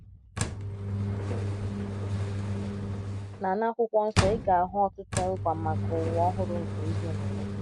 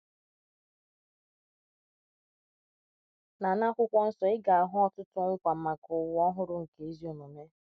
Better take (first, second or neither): second